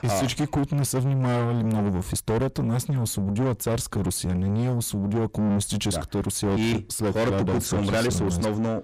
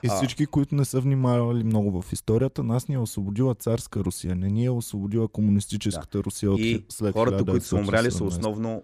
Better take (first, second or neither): second